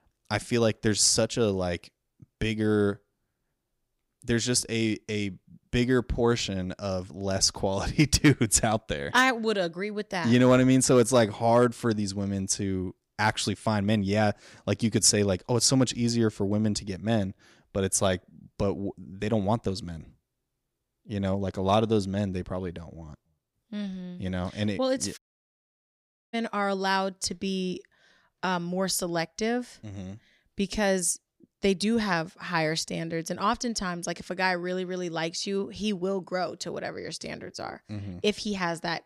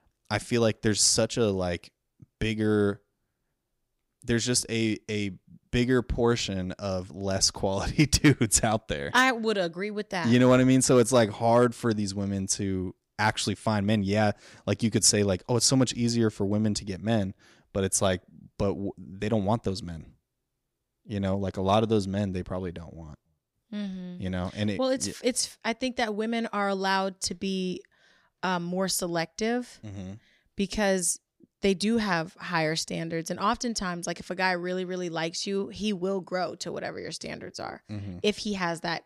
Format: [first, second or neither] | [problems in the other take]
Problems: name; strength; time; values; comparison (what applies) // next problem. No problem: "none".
second | audio cutting out; at 25 s for 1 s